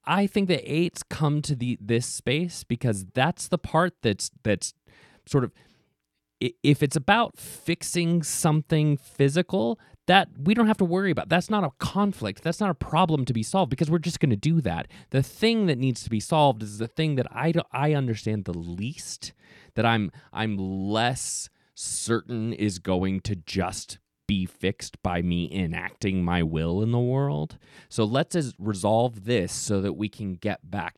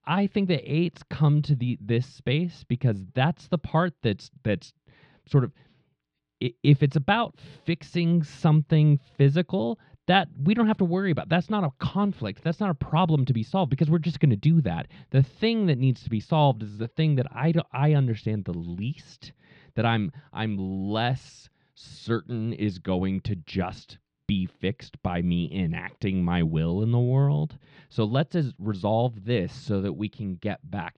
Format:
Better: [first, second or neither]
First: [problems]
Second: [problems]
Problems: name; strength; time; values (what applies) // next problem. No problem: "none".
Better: first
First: none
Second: muffled; slightly; fading above 4 kHz